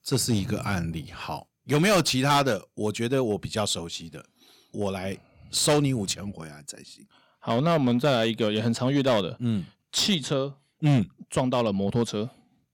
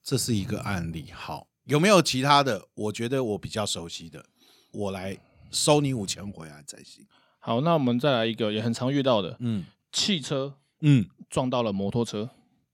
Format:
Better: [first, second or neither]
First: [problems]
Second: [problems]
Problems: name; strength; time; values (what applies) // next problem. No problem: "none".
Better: second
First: distortion; slight; 5% of the sound clipped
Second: none